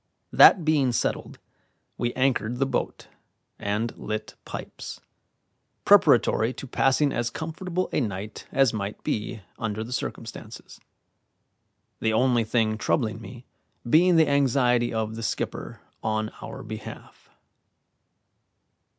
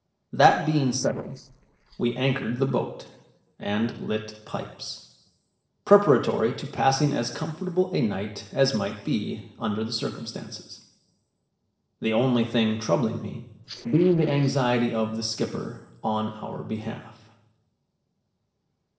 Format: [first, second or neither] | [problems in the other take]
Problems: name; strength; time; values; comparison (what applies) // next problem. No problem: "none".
first | noise reduction (neural separator model SepFormer DNS4)